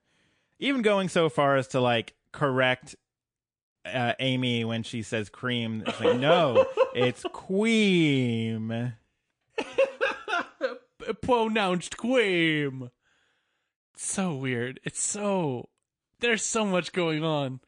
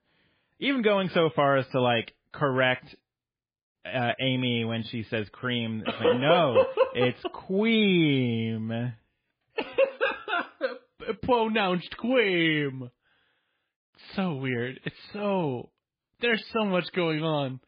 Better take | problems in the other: first | garbled, watery; badly; slightly in the first

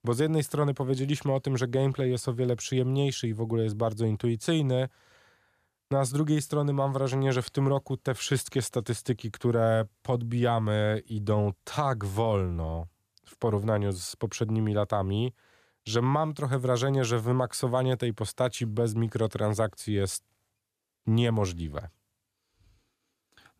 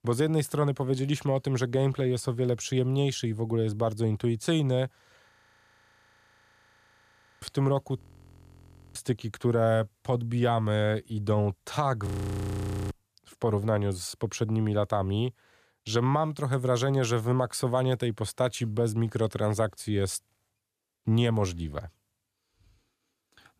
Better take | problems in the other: first | audio freezing; at 5.5 s for 2 s, at 8 s for 1 s and at 12 s for 1 s

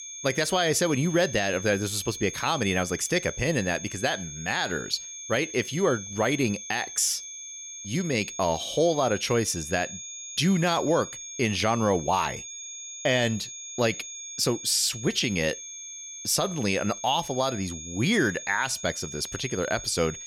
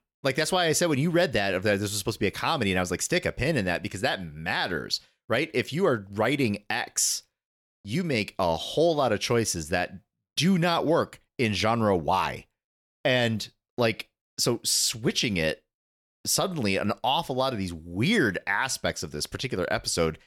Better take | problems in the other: second | high-pitched whine; noticeable; throughout; 6.5 kHz, 10 dB below the speech

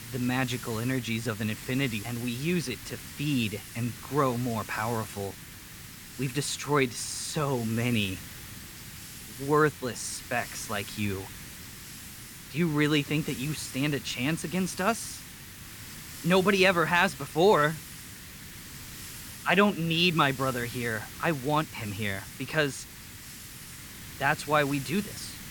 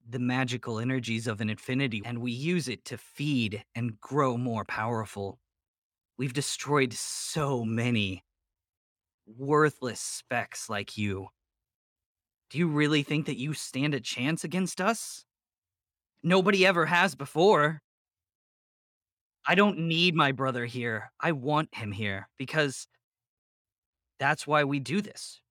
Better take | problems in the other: second | hiss; noticeable; throughout; 15 dB below the speech

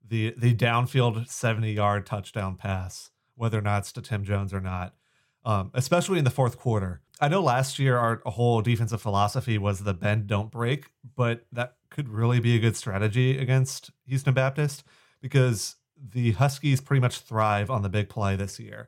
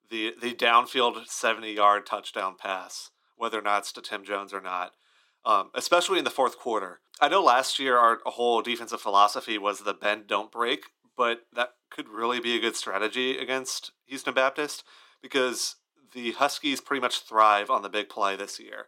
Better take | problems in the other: first | thin; very; fading below 300 Hz

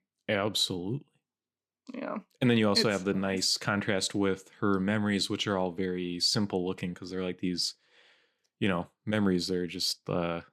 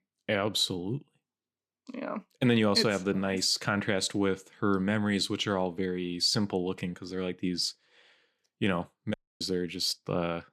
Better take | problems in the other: first | audio cutting out; at 9 s

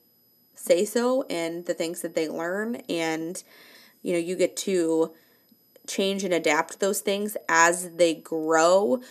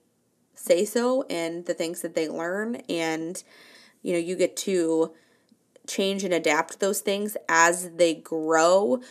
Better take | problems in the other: second | high-pitched whine; faint; throughout; 12 kHz, 35 dB below the speech

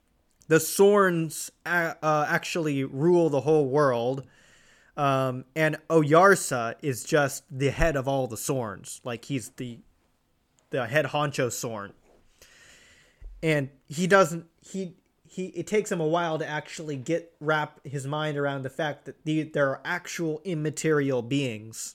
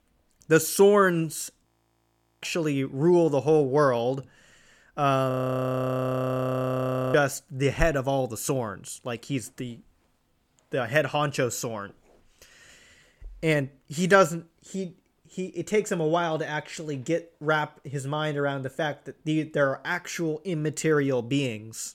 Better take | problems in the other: first | audio freezing; at 1.5 s for 1 s and at 5.5 s for 2 s

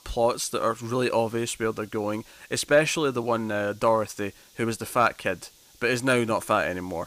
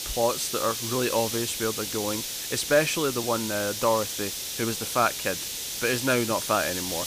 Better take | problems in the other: first | hiss; loud; throughout; 3 dB below the speech; faint in the first

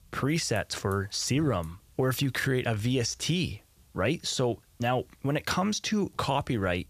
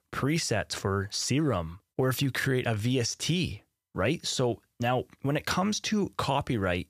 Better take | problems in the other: second | hiss; faint; throughout; 25 dB below the speech

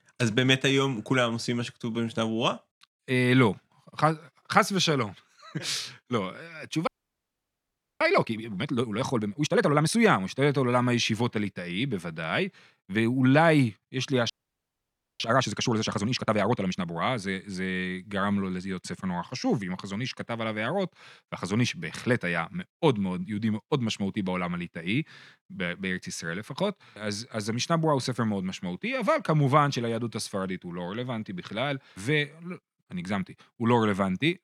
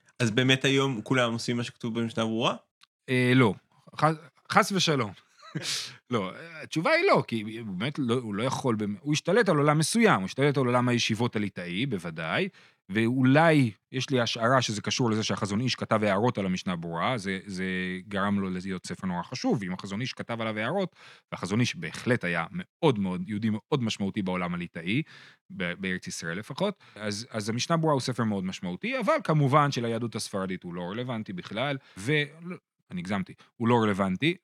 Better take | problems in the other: second | audio freezing; at 7 s for 1 s and at 14 s for 1 s

